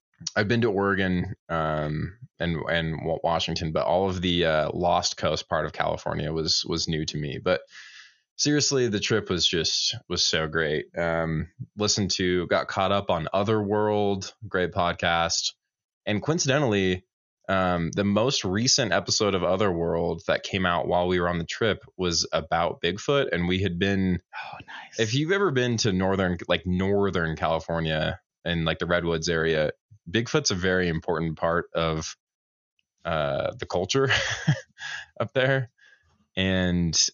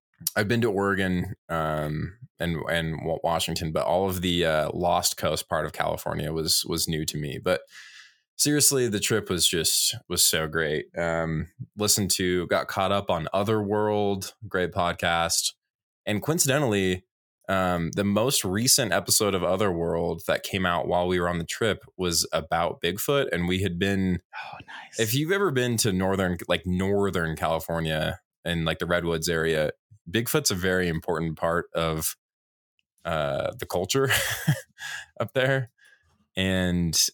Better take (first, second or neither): second